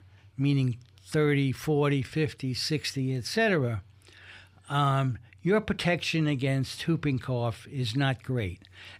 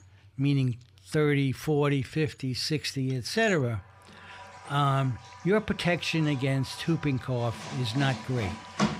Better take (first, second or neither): first